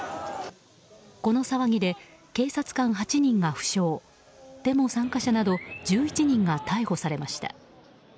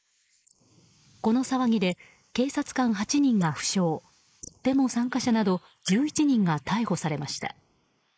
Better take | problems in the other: first | noise reduction (neural mask model Resemble Enhance denoiser)

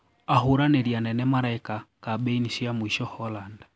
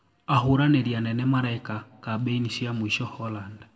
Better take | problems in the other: first | room echo; dies away in 0.9 s

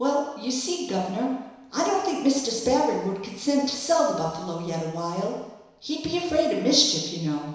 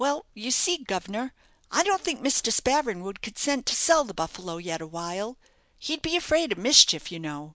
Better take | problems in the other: second | room echo; dies away in 1 s

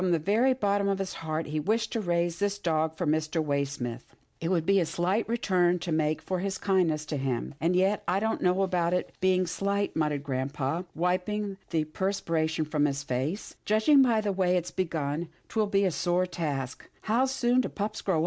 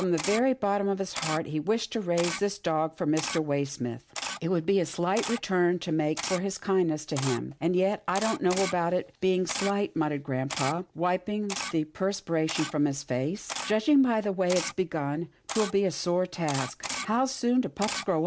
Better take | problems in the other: first | background sound (Camera); 12 dB below the speech

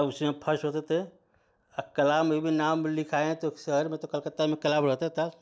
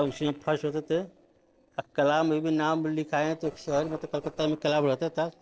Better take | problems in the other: first | noise reduction (neural separator model SepFormer DNS4)

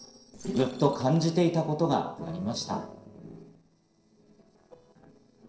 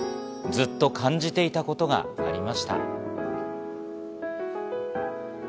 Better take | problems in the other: second | noise reduction (neural separator model SepFormer DNS4)

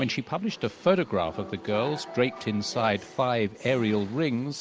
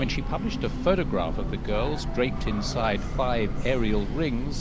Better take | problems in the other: first | background sound (Train / Breathing); 1 dB below the speech

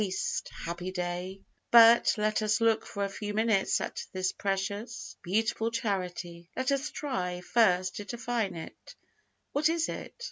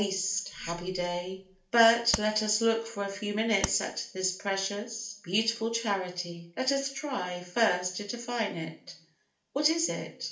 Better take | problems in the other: first | background sound (Tap); 4 dB below the speech // room echo; dies away in 0.4 s

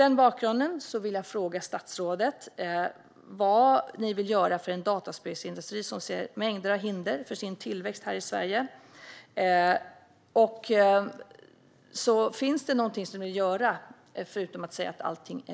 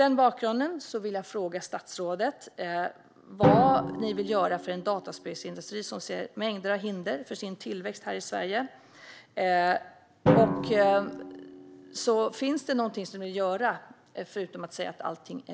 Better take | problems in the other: first | background sound (Drum); 5 dB below the speech

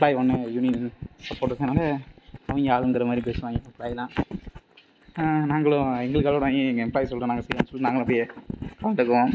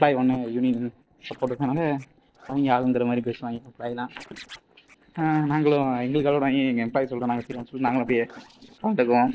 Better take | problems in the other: first | noise reduction (neural separator model SepFormer DNS4)

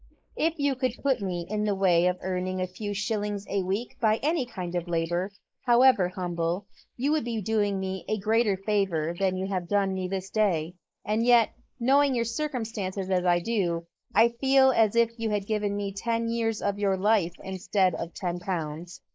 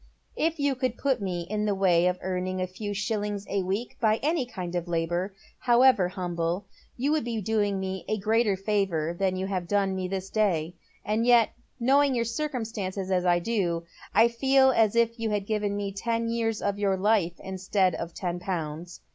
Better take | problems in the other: second | noise reduction (neural mask model Resemble Enhance denoiser)

